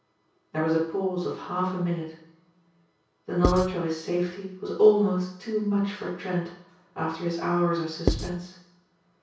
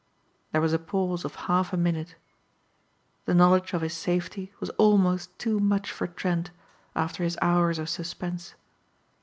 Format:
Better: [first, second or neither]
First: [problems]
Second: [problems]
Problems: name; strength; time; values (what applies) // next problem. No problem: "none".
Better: second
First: background sound (Writing); 1 dB below the speech // room echo; dies away in 0.6 s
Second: none